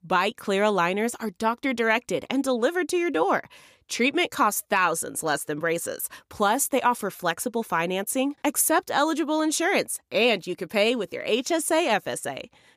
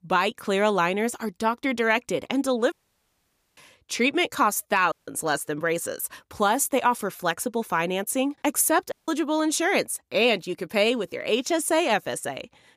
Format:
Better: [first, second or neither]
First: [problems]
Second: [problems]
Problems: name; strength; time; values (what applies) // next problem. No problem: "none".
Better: first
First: none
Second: audio cutting out; at 2.5 s for 1 s, at 5 s and at 9 s